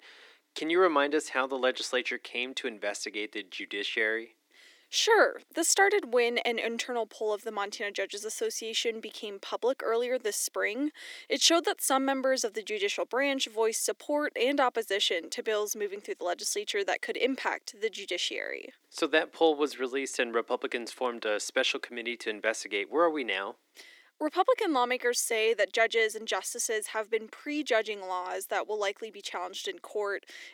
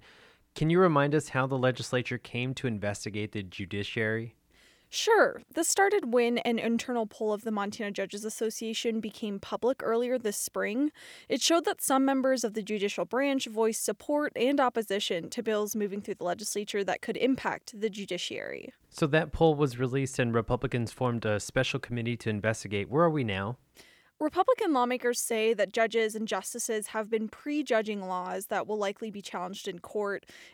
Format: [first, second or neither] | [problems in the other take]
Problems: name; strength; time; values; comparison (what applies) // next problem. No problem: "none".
second | thin; somewhat; fading below 300 Hz